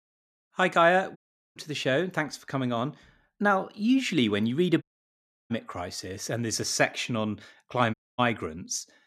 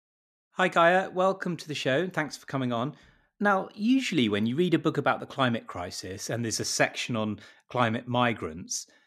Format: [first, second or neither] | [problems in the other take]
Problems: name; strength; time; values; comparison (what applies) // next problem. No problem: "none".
second | audio cutting out; at 1 s, at 5 s for 0.5 s and at 8 s